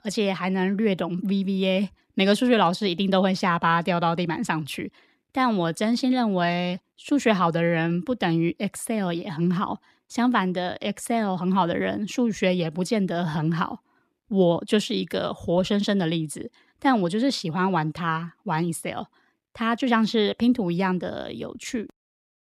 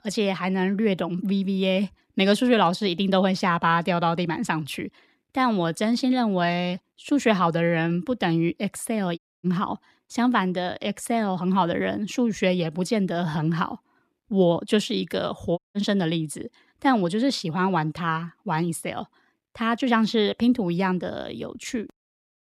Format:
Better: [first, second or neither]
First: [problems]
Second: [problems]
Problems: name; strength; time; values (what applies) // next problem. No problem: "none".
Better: first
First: none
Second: audio cutting out; at 9 s and at 16 s